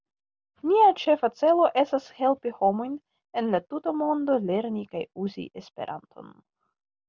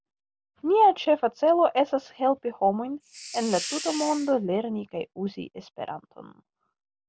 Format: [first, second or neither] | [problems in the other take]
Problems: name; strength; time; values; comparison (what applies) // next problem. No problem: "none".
first | background sound (Hiss); 10 dB below the speech